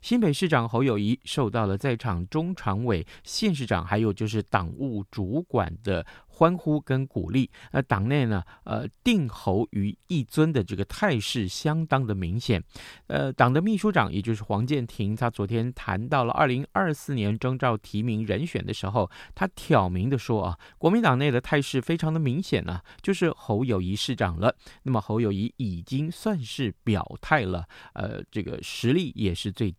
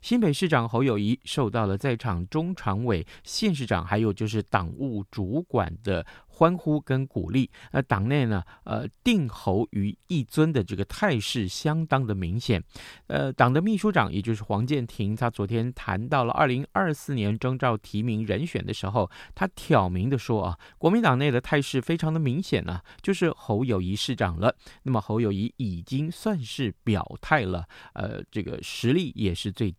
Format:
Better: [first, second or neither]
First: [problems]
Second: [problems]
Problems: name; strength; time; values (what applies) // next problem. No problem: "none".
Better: neither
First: none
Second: none